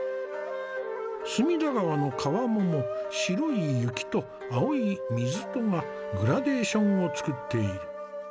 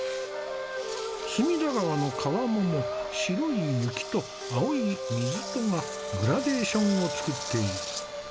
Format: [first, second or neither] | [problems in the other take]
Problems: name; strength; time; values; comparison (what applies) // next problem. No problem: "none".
first | background sound (Engine); 12 dB below the speech